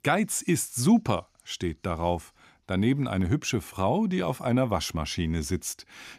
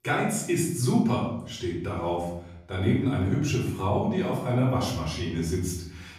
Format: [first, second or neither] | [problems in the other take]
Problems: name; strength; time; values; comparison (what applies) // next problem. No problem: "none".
first | off-mic speech; far // room echo; noticeable; dies away in 0.8 s